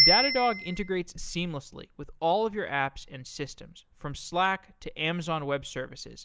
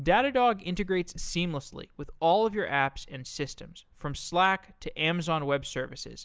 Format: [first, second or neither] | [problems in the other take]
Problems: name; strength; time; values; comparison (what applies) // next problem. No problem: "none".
second | background sound (Bicycle bell); 2 dB below the speech